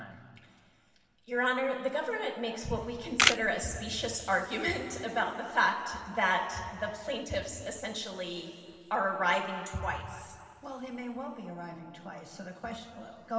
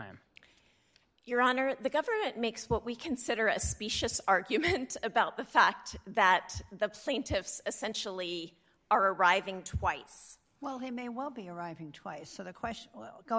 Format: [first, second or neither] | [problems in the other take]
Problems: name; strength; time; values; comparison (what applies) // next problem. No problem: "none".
second | background sound (Camera); 4 dB above the speech // room echo; dies away in 2.6 s